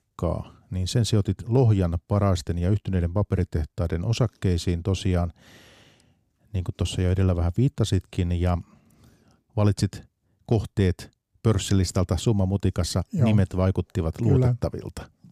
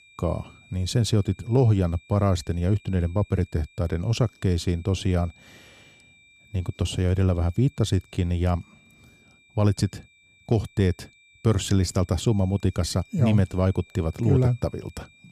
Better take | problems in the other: first | high-pitched whine; faint; throughout; 2.5 kHz, 30 dB below the speech

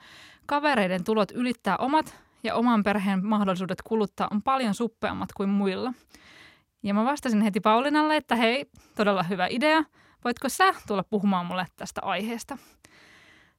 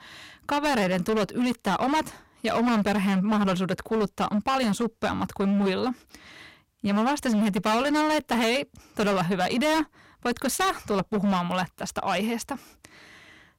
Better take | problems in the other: first | distortion; heavy; 18% of the sound clipped

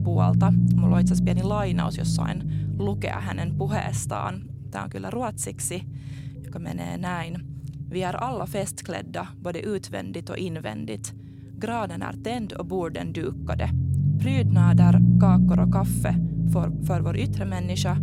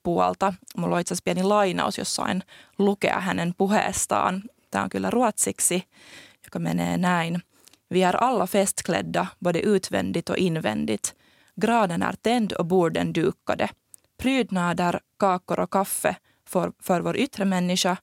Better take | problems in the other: second | low rumble; loud; throughout; as loud as the speech

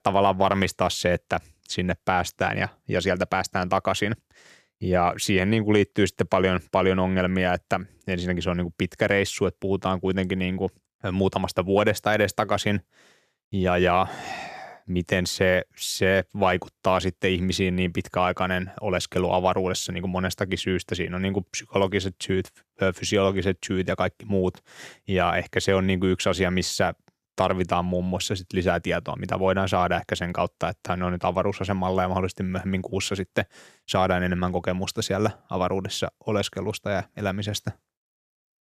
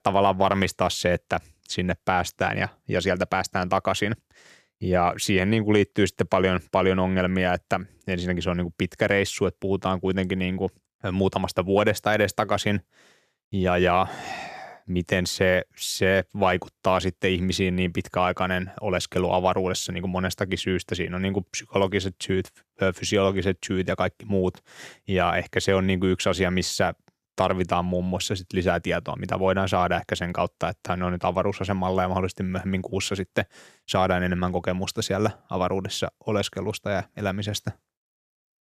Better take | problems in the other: neither | none

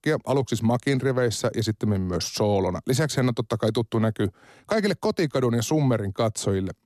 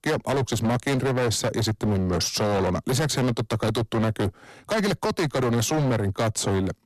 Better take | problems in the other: first | distortion; heavy; 28% of the sound clipped

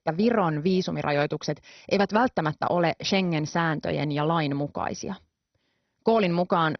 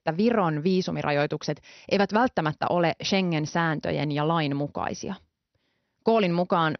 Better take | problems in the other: second | garbled, watery; badly; nothing above 6 kHz; slightly in the second

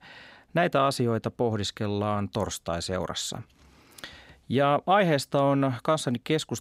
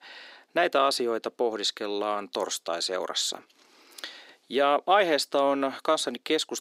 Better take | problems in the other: first | thin; somewhat; fading below 350 Hz

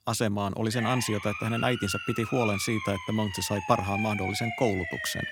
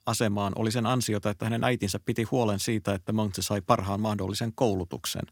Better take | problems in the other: second | siren; noticeable; from 0.5 s on; peak 3 dB below the speech

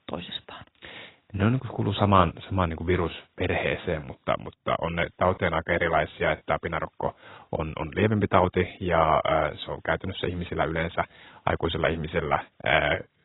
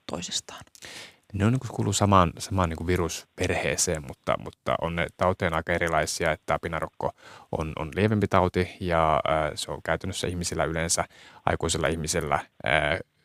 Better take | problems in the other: second | garbled, watery; badly; nothing above 4 kHz

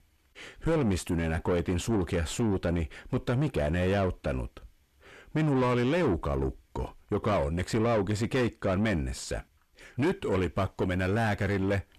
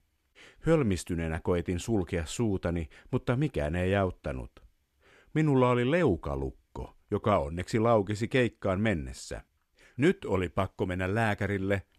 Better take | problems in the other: second | distortion; heavy; 7 dB below the speech

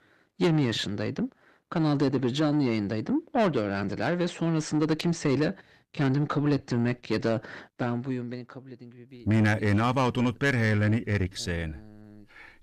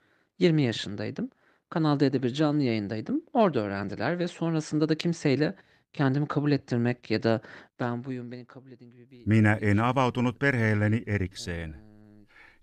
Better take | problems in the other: second | distortion; slight; 10 dB below the speech

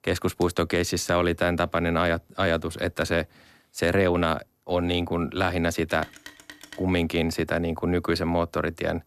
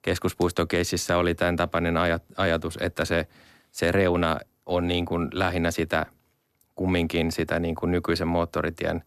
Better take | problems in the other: second | phone ringing; faint; at 6 s; peak 20 dB below the speech

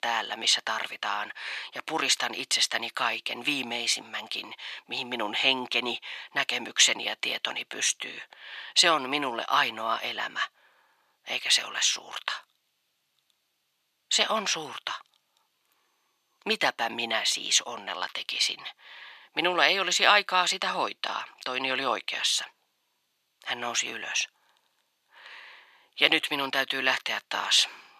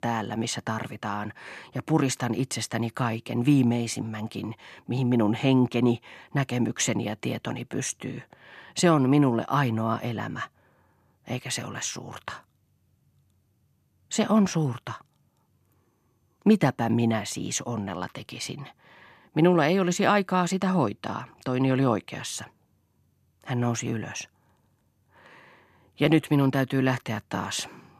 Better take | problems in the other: second | thin; very; fading below 700 Hz

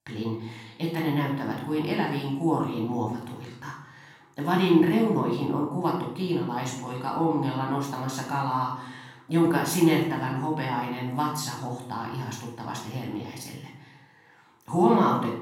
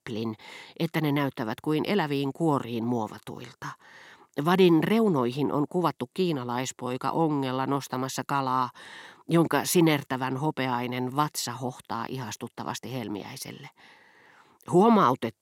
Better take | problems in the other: second | off-mic speech; somewhat distant // room echo; noticeable; dies away in 0.7 s

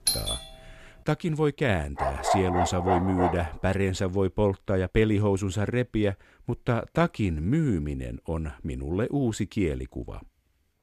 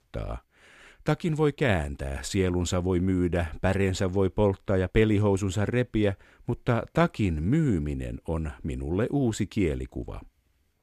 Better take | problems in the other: second | doorbell; loud; at the start; peak 2 dB above the speech // dog barking; loud; from 2 to 3.5 s; peak 1 dB above the speech

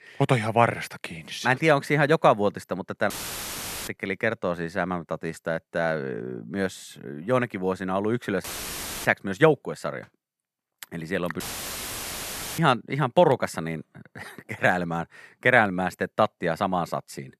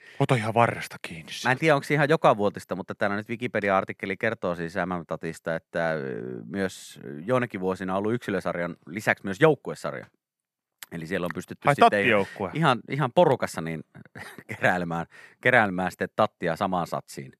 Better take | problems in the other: second | audio cutting out; filled with static; at 3 s for 1 s, at 8.5 s for 0.5 s and at 11 s for 1 s

